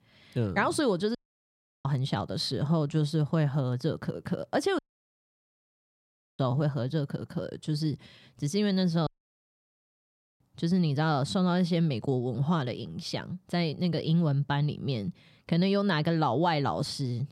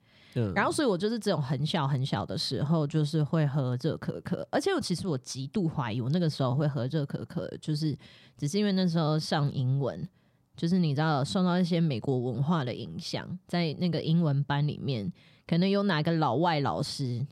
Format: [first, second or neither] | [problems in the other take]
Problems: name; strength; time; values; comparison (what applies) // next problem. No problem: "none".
second | audio cutting out; at 1 s for 0.5 s, at 5 s for 1.5 s and at 9 s for 1.5 s